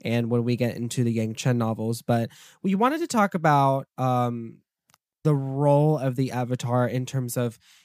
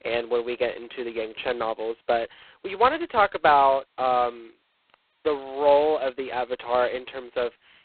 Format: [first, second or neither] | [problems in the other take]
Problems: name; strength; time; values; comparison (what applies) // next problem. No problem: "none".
first | phone-call audio; poor line; nothing above 4 kHz